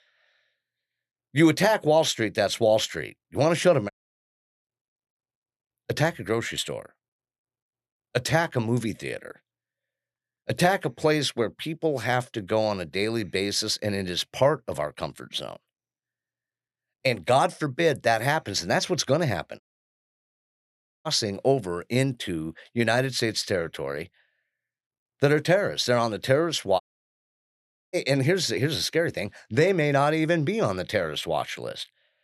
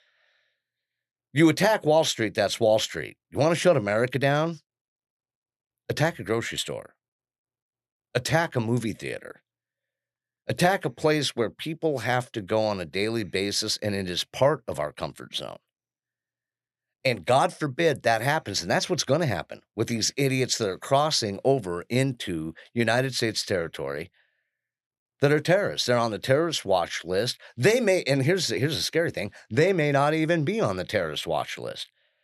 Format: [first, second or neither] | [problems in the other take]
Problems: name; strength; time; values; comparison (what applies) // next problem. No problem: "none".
second | audio cutting out; at 4 s for 0.5 s, at 20 s for 1.5 s and at 27 s for 1 s